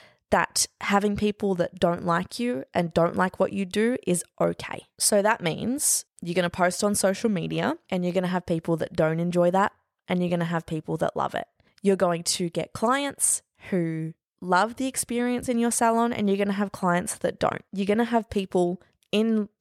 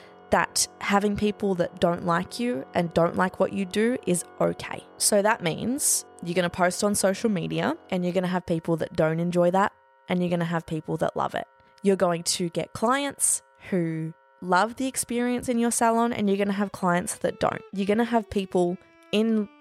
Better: first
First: none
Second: background music; faint; throughout; 25 dB below the speech

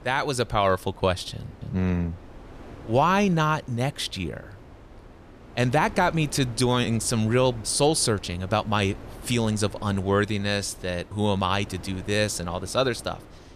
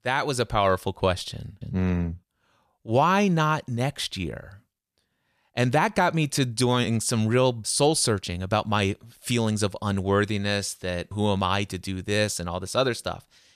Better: second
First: wind noise on the microphone; occasional gusts; 20 dB below the speech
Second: none

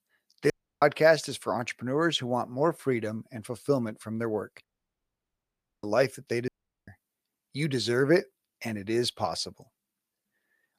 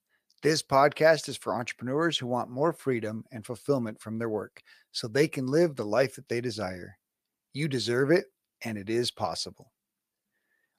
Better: second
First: audio cutting out; at 0.5 s, at 4.5 s for 1 s and at 6.5 s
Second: none

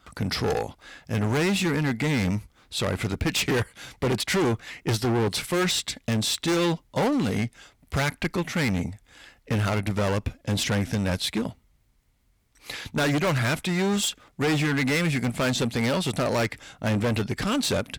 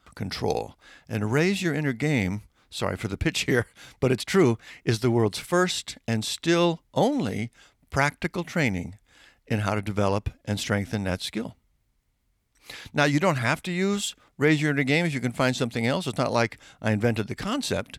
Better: second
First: distortion; heavy; 18% of the sound clipped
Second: none

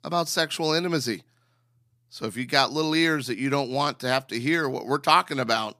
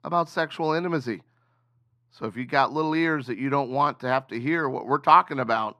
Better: first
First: none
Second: muffled; very; fading above 4 kHz

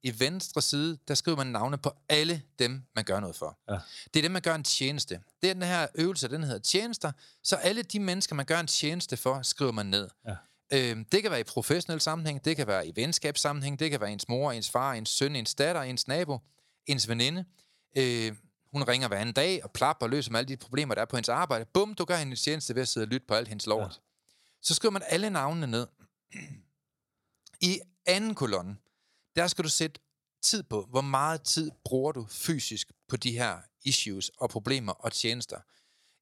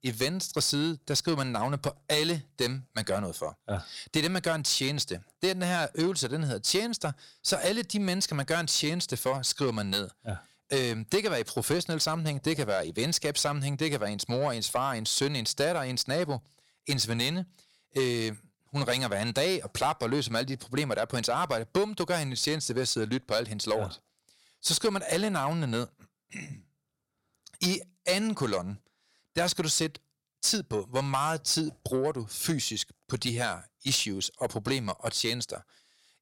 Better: first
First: none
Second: distortion; slight; 10 dB below the speech

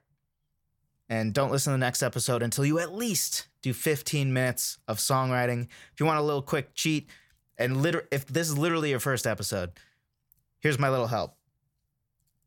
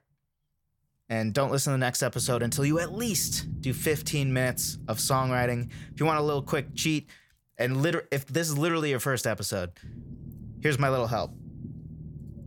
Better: first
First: none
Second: low rumble; faint; from 2 to 7 s and from 10 s on; 20 dB below the speech

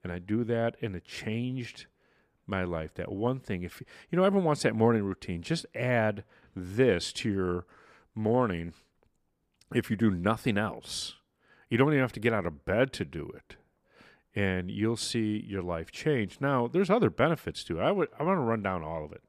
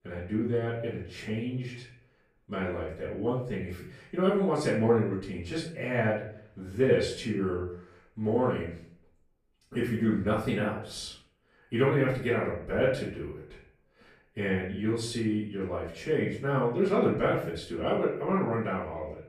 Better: first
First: none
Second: off-mic speech; far // room echo; noticeable; dies away in 0.5 s

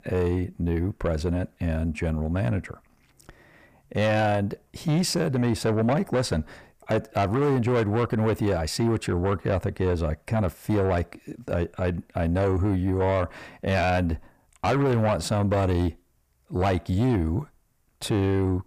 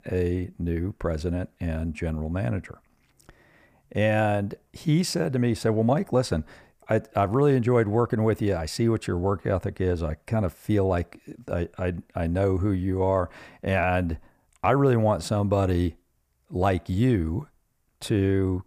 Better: second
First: distortion; slight; 10 dB below the speech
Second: none

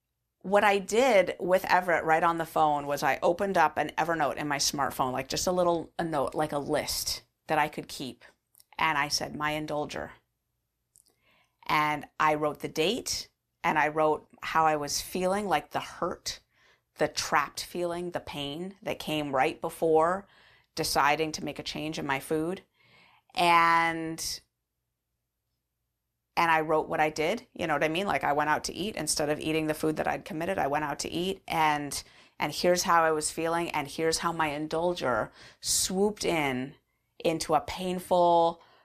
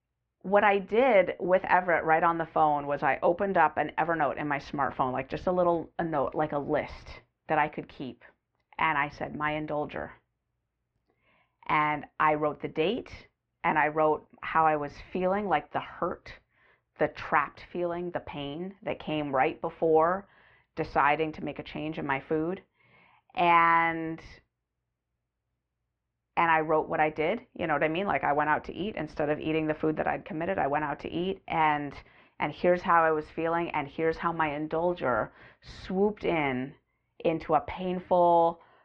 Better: first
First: none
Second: muffled; very; fading above 2.5 kHz

